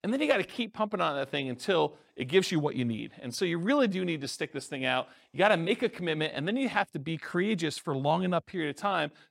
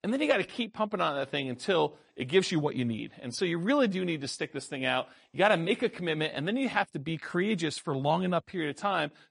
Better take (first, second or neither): first